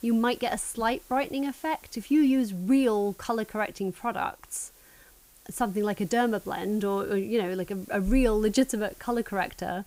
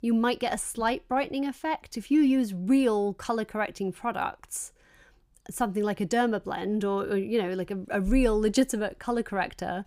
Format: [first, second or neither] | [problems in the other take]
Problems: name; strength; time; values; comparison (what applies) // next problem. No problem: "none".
second | hiss; faint; throughout; 25 dB below the speech